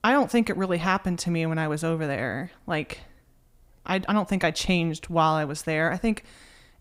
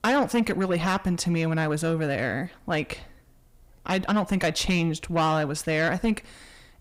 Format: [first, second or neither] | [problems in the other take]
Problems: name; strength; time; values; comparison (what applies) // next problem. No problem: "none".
first | distortion; slight; 10 dB below the speech